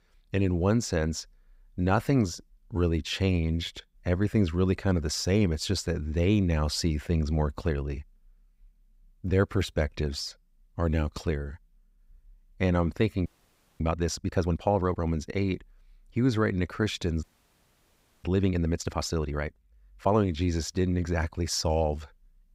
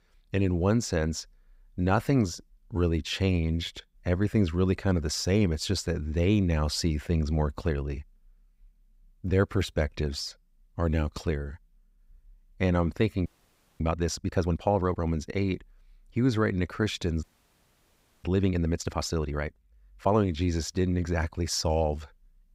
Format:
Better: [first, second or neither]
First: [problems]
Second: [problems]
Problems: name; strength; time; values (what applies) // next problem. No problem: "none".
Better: neither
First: audio freezing; at 13 s for 0.5 s and at 17 s for 1 s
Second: audio freezing; at 13 s for 0.5 s and at 17 s for 1 s